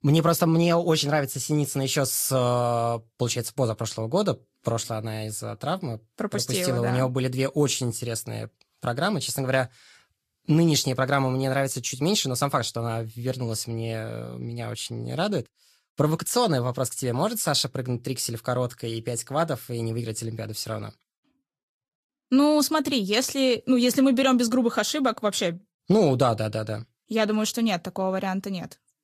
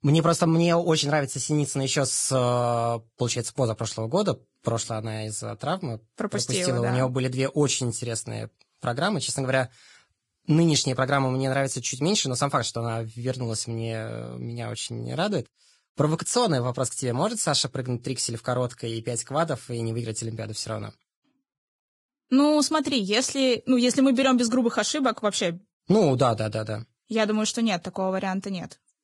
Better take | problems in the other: first | garbled, watery; badly; nothing above 10.5 kHz; slightly in the first

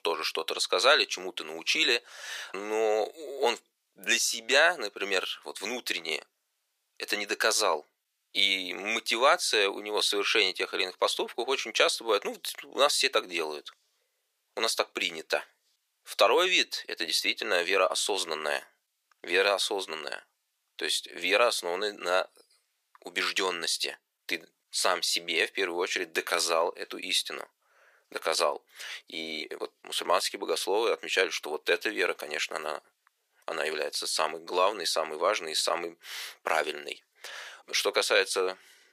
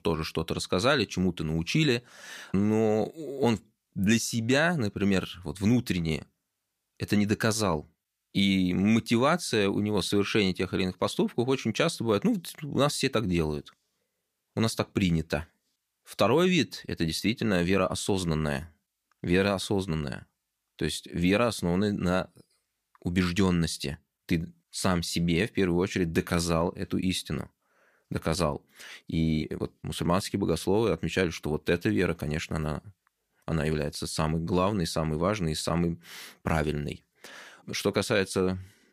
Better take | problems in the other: second | thin; very; fading below 450 Hz

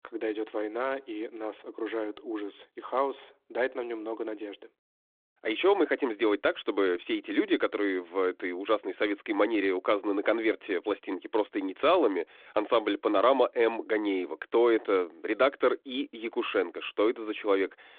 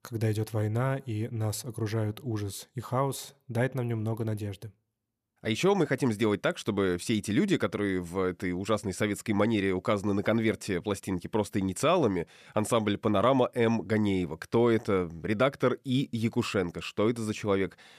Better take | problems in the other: second | phone-call audio; nothing above 3.5 kHz

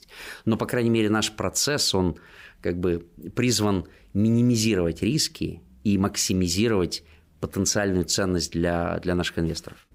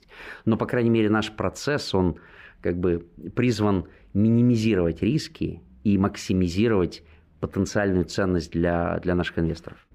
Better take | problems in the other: first | muffled; slightly; fading above 4 kHz

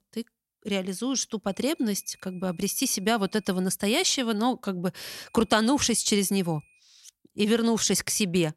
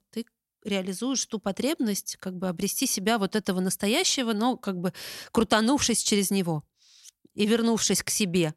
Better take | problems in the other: second | high-pitched whine; faint; from 1.5 to 3.5 s and from 5 to 7 s; 2.5 kHz, 35 dB below the speech

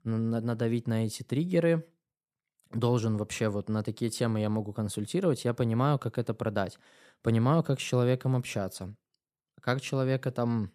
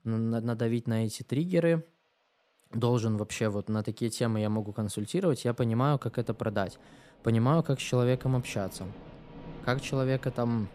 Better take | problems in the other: first | rain or running water; noticeable; throughout; 20 dB below the speech

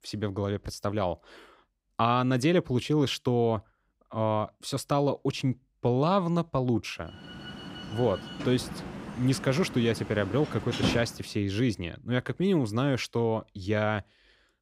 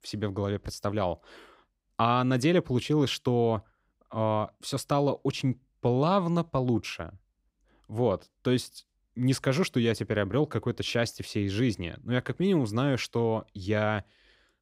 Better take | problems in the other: second | door banging; noticeable; from 7.5 to 11 s; peak 1 dB below the speech

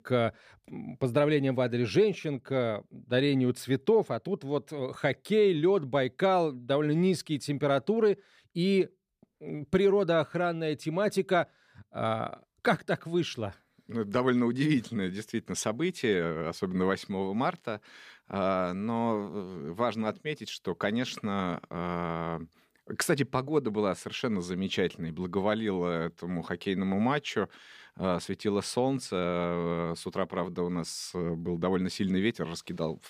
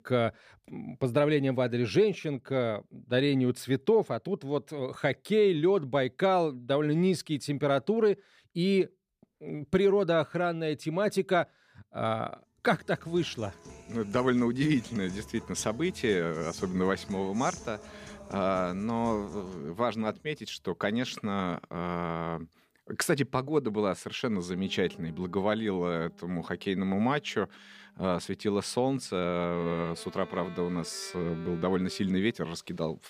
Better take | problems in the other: first | background music; noticeable; from 13 s on; 20 dB below the speech

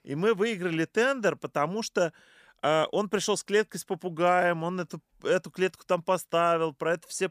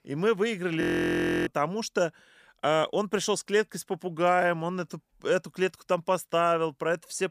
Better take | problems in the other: first | audio freezing; at 1 s for 0.5 s

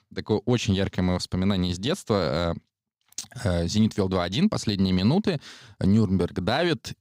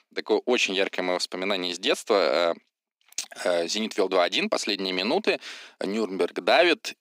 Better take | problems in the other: first | thin; very; fading below 300 Hz

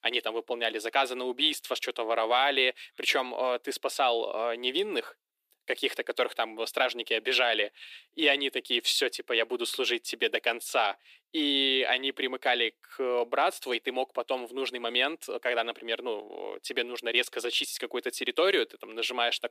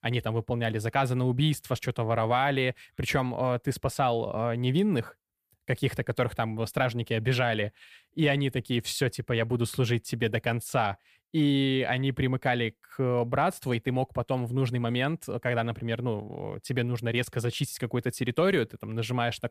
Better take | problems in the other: second | thin; very; fading below 300 Hz

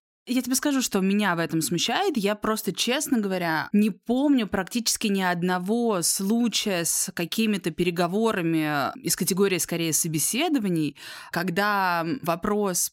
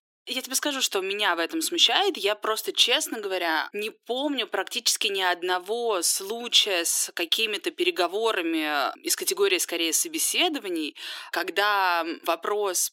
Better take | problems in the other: first | thin; very; fading below 350 Hz

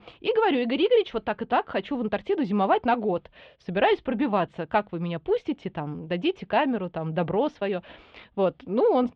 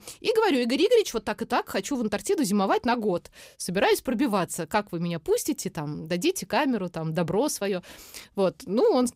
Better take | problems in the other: second | muffled; very; fading above 3.5 kHz

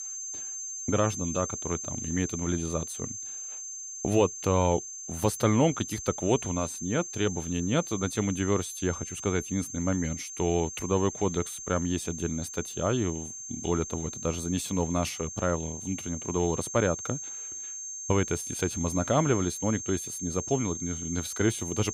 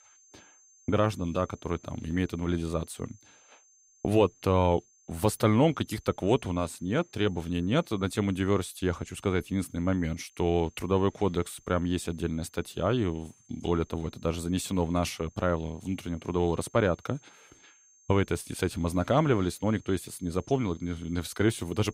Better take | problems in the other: second | high-pitched whine; loud; throughout; 6.5 kHz, 6 dB below the speech; faint in the second

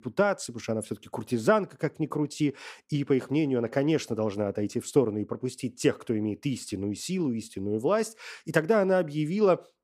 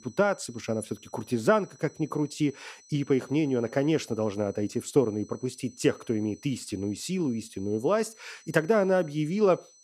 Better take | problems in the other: first | high-pitched whine; faint; throughout; 6 kHz, 25 dB below the speech

